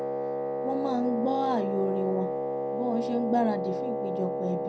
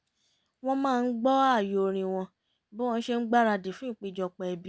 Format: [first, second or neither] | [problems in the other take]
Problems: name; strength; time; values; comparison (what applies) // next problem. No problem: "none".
second | background sound (Wind instrument, woodwind instrument); as loud as the speech // room echo; dies away in 0.4 s